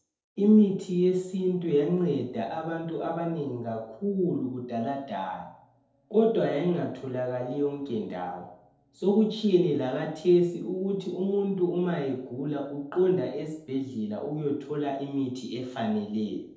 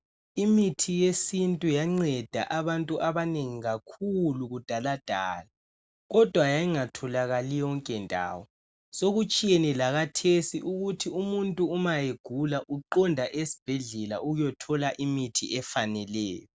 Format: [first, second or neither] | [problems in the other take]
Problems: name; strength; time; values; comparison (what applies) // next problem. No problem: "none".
second | room echo; dies away in 2.1 s